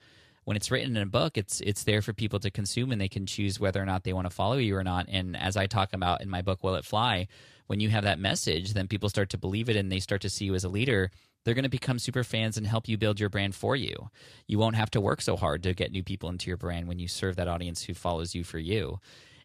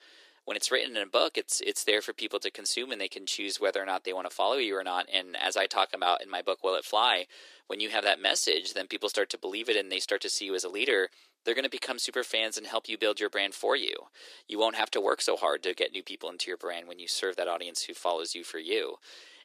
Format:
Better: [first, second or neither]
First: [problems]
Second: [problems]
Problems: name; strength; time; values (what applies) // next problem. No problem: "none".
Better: first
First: none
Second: thin; very; fading below 350 Hz